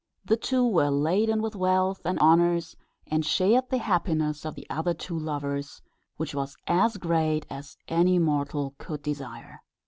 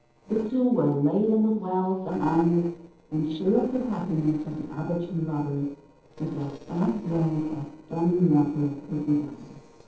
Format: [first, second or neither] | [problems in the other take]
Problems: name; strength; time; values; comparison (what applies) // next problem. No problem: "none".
first | noise reduction (neural separator model SepFormer DNS4)